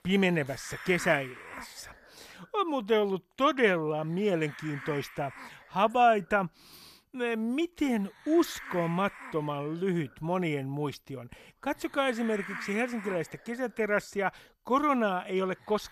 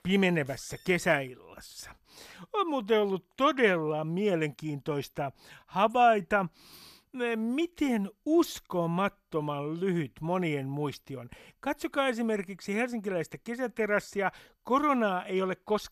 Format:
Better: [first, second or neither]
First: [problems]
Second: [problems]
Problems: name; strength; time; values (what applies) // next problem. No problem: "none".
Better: second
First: hiss; noticeable; throughout; 15 dB below the speech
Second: none